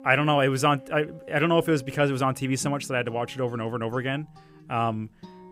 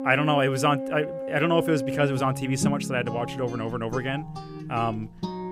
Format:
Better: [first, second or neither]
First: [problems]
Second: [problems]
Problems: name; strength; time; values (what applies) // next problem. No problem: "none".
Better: first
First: background music; faint; throughout; 20 dB below the speech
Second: background music; loud; throughout; 6 dB below the speech